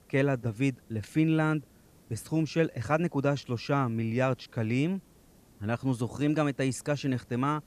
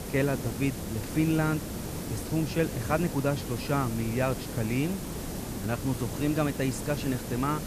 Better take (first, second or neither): first